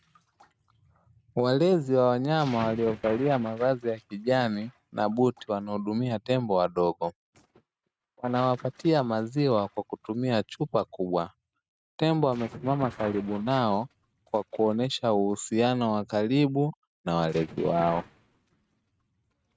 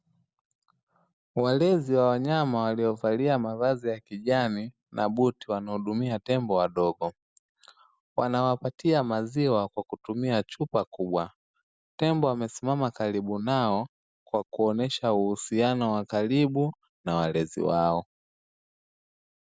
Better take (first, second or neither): second